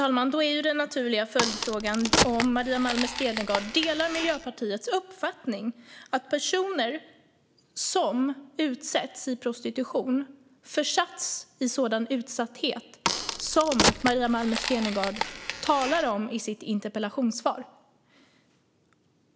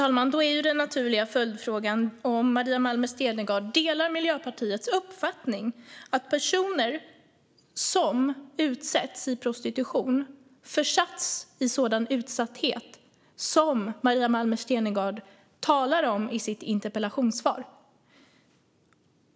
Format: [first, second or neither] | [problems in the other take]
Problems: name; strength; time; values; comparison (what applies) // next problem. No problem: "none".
second | background sound (Crack); 2 dB below the speech